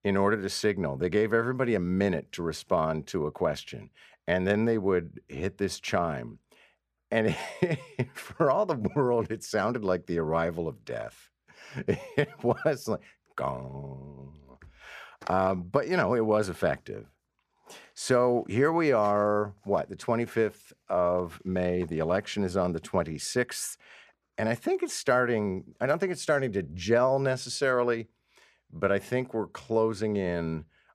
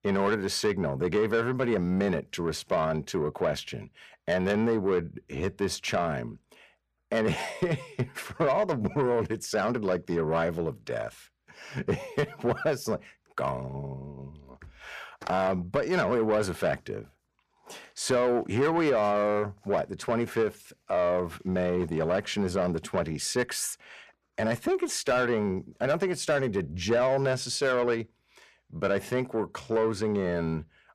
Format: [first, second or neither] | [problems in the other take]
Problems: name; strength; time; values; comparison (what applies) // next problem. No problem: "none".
first | distortion; slight; 10 dB below the speech